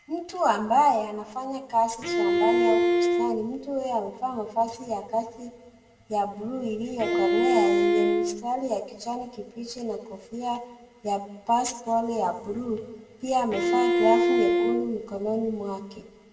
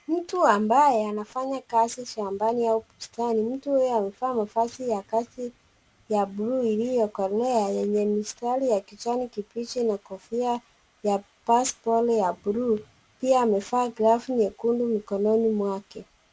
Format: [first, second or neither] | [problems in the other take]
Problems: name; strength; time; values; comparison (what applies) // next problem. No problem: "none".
second | background sound (Bowed string instrument); 4 dB above the speech // room echo; dies away in 1.2 s